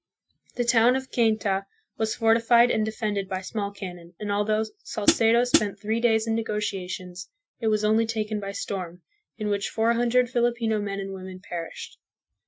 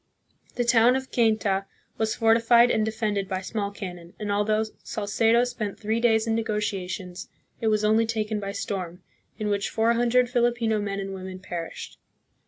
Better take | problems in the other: second | noise reduction (classical method Wiener filter)

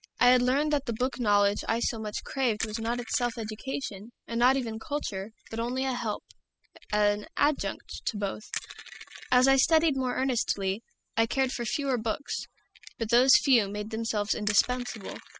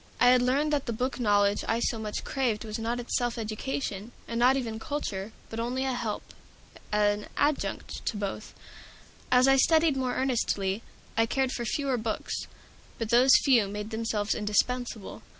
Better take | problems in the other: second | noise reduction (classical method spectral subtraction)

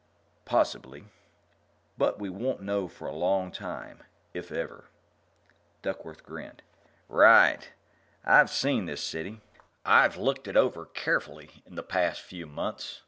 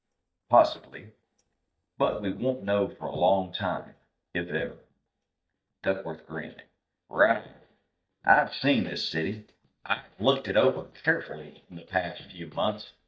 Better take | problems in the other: first | noise reduction (neural mask model DeepFilterNet 3)

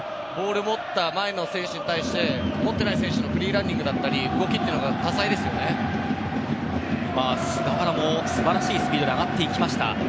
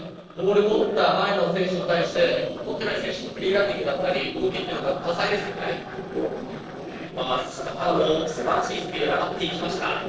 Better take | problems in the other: first | noise reduction (neural separator model SepFormer DNS4)

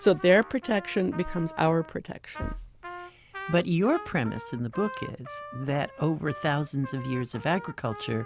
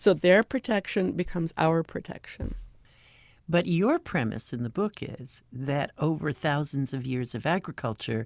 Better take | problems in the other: second | background sound (Trumpet); 15 dB below the speech

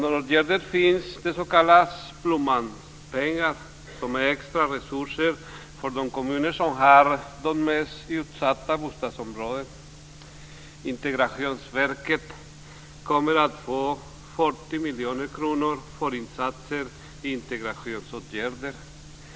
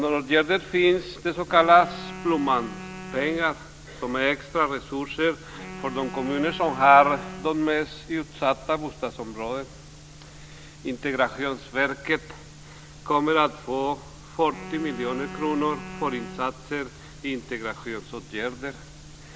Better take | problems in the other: first | background sound (Wind instrument, woodwind instrument); 15 dB below the speech

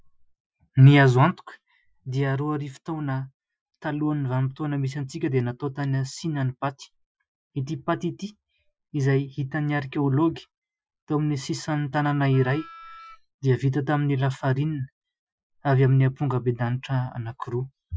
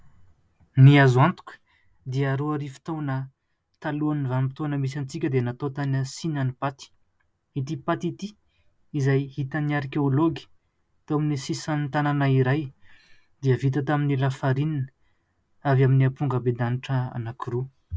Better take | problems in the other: second | noise reduction (classical method Wiener filter)

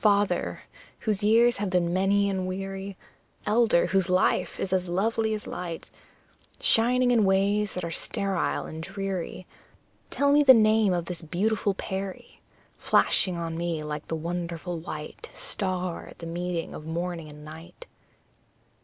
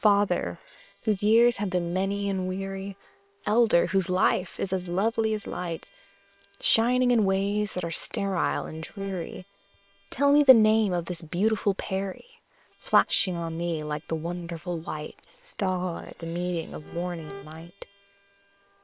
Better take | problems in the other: first | noise reduction (neural separator model SepFormer WHAM!)

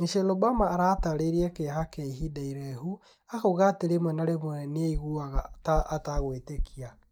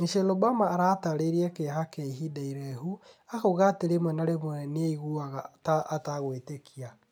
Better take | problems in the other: second | noise reduction (neural mask model DeepFilterNet 3)

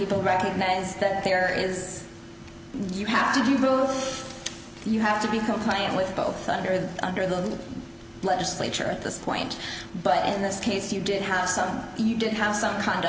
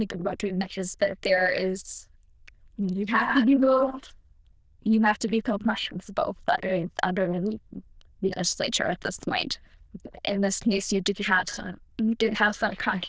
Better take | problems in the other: first | noise reduction (neural diffusion model UNIVERSE++)

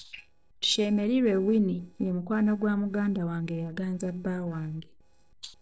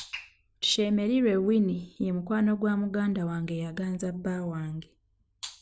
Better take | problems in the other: second | noise reduction (neural separator model SepFormer DNS4)

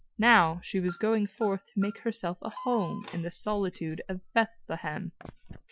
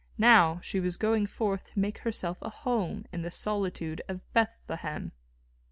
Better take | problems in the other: second | noise reduction (classical method Wiener filter)

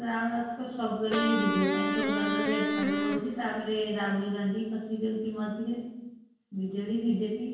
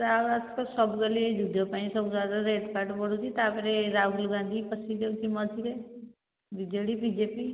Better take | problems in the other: second | background sound (Electric guitar); as loud as the speech // room echo; dies away in 0.6 s

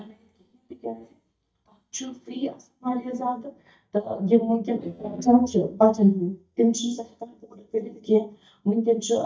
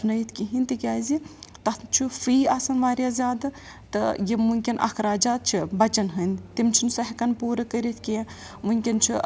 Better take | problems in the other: second | noise reduction (neural mask model DeepFilterNet 3)

